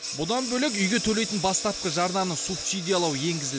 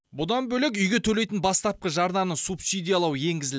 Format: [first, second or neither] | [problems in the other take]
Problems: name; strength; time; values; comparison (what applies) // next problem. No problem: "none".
second | background sound (Engine); 7 dB below the speech